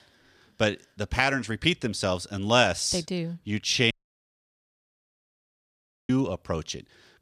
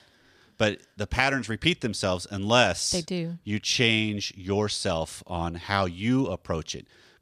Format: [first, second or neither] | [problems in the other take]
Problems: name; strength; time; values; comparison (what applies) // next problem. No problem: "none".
second | audio cutting out; at 4 s for 2 s